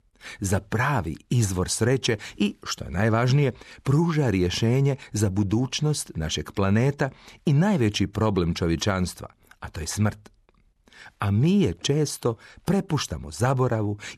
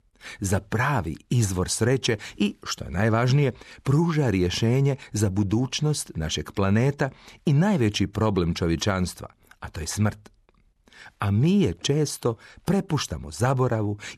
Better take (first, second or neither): neither